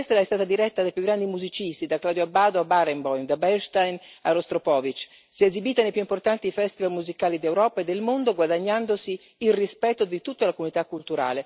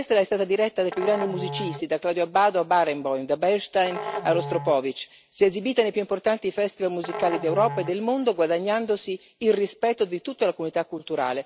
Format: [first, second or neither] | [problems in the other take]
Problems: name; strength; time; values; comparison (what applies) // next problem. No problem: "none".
first | background sound (Musical instrument); 12 dB below the speech